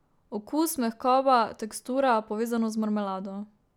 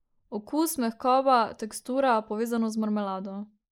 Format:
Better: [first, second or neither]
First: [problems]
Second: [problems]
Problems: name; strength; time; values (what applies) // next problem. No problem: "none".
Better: first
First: none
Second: noise reduction (neural mask model Resemble Enhance denoiser)